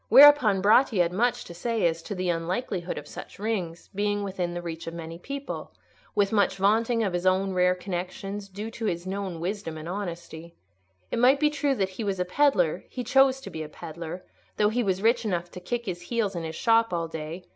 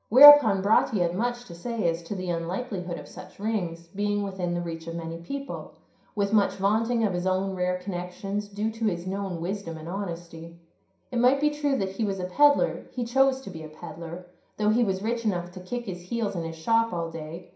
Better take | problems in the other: first | room echo; dies away in 0.5 s

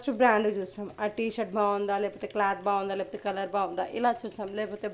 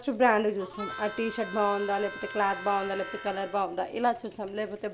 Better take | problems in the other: first | background sound (Harmonica); 12 dB below the speech

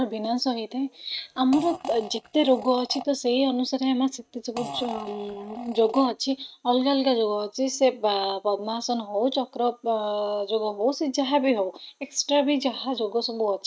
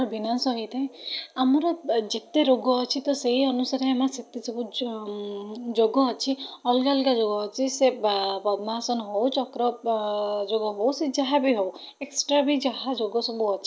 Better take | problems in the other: second | noise reduction (neural mask model RNNoise)

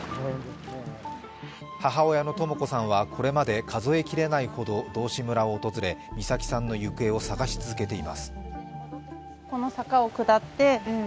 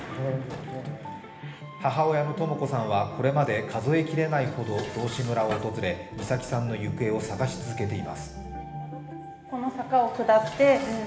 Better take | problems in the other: first | background sound (Dishes, pots, and pans); 19 dB below the speech // room echo; dies away in 1.1 s

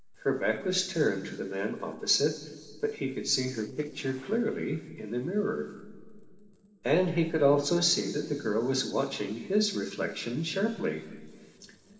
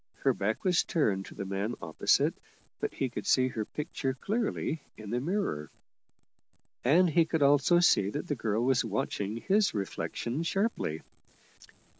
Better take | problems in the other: second | noise reduction (neural separator model SepFormer DNS4)

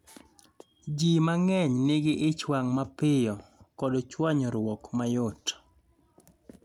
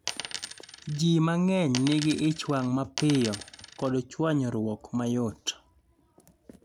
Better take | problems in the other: first | background sound (Coin (dropping)); 11 dB below the speech

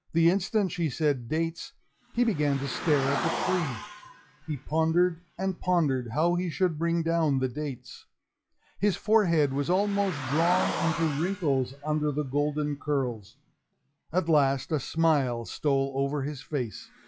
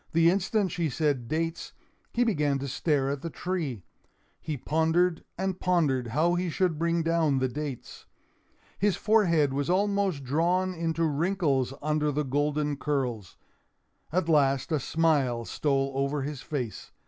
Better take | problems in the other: second | noise reduction (classical method log-MMSE)

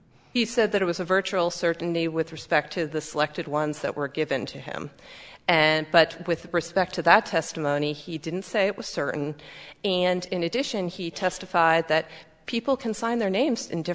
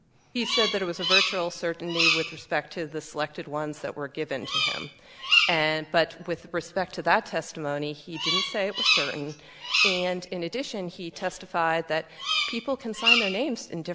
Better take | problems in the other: first | background sound (Bird vocalization, bird call, bird song); as loud as the speech

